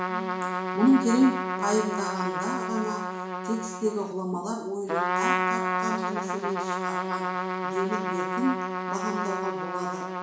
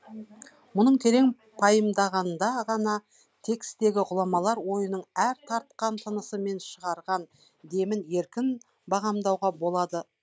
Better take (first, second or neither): second